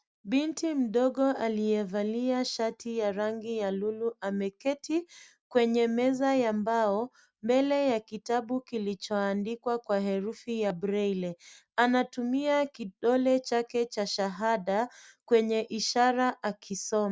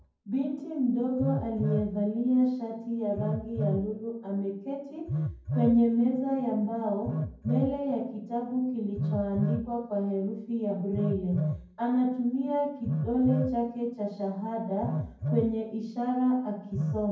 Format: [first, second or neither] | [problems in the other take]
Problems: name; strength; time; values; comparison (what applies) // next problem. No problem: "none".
first | background sound (Telephone); 6 dB below the speech // room echo; dies away in 0.9 s